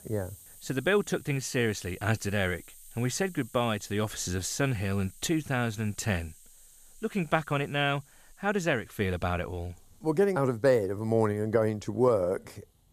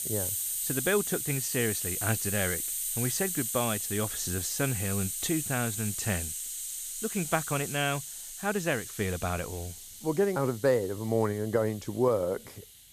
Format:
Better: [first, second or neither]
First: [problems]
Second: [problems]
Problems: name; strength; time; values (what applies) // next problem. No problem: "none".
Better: first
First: hiss; faint; throughout; 25 dB below the speech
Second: hiss; loud; throughout; 1 dB below the speech